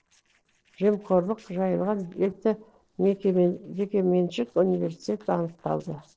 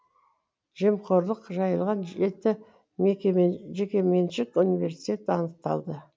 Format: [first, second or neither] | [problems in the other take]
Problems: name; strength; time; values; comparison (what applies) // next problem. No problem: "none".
second | noise reduction (neural separator model SepFormer DNS4)